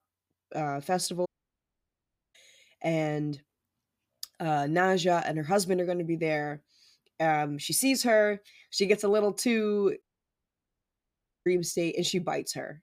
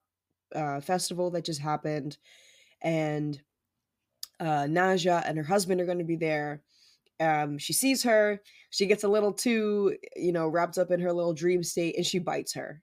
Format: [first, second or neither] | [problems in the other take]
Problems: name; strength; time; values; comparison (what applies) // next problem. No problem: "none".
second | audio cutting out; at 1.5 s for 1 s and at 10 s for 1.5 s